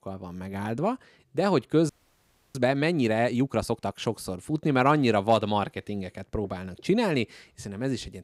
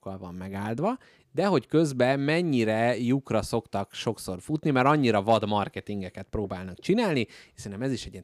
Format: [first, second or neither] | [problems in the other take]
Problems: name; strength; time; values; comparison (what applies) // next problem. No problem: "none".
second | audio freezing; at 2 s for 0.5 s